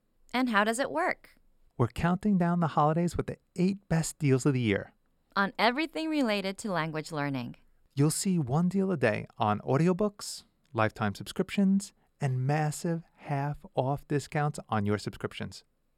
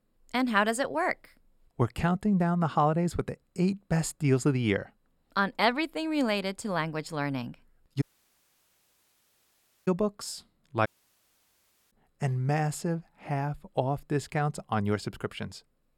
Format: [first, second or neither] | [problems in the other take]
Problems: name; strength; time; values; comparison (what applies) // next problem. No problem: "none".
first | audio cutting out; at 8 s for 2 s and at 11 s for 1 s